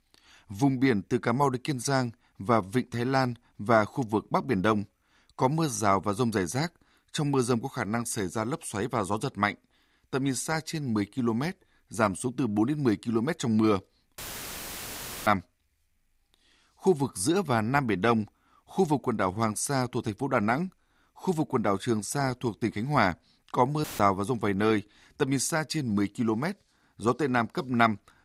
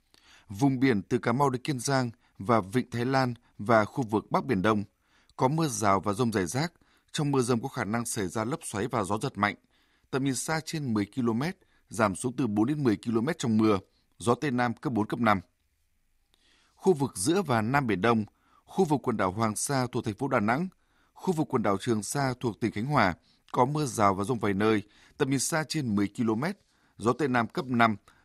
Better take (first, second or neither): second